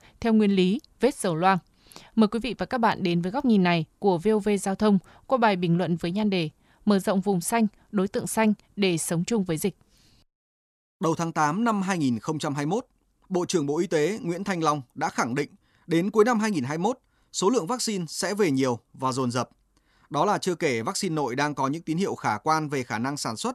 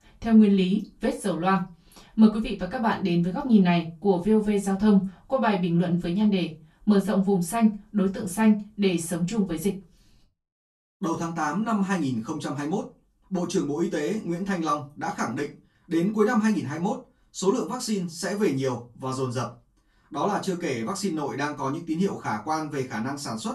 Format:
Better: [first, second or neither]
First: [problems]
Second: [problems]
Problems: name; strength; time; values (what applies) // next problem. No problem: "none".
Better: first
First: none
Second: off-mic speech; far // room echo; very slight; dies away in 0.2 s